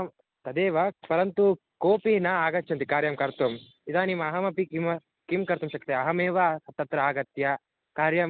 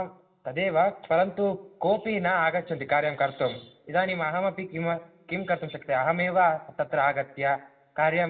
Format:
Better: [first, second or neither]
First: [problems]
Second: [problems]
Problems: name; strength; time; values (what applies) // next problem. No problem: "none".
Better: first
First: none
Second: room echo; dies away in 0.7 s